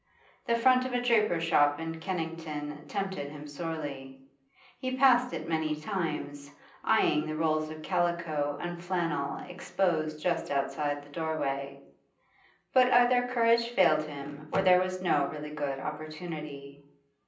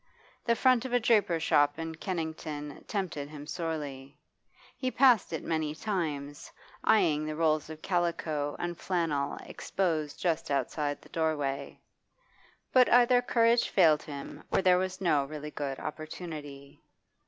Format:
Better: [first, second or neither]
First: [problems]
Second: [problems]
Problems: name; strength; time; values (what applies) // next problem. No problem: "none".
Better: second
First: room echo; dies away in 0.6 s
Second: none